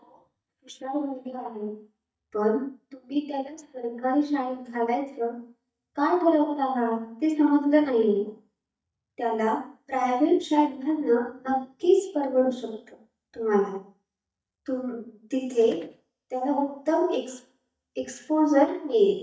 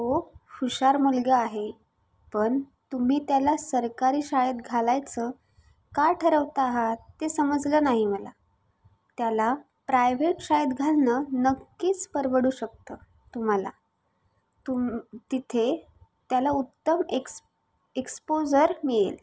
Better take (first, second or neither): second